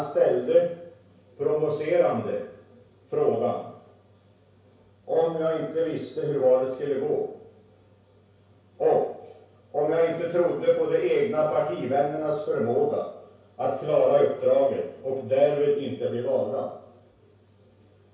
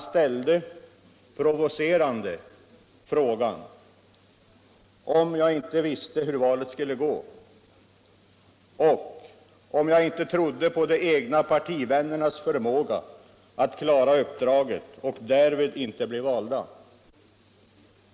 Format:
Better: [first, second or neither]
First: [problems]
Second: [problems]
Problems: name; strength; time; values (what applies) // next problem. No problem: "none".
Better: second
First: room echo; dies away in 0.6 s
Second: none